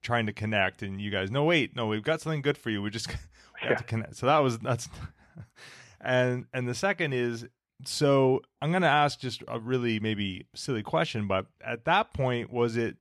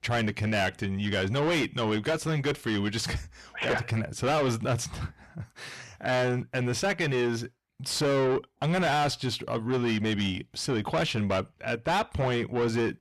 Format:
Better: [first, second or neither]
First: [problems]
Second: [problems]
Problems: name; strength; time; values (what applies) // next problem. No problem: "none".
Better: first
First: none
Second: distortion; heavy; 6 dB below the speech